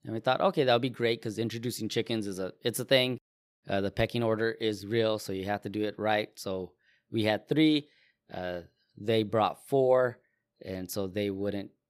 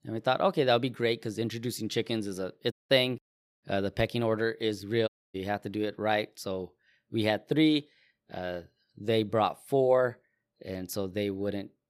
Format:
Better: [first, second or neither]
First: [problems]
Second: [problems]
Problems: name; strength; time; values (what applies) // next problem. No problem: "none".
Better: first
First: none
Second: audio cutting out; at 2.5 s and at 5 s